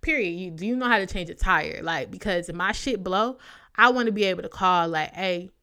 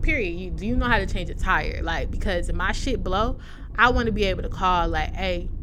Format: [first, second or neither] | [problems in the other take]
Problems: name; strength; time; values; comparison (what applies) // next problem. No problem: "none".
first | low rumble; faint; throughout; 25 dB below the speech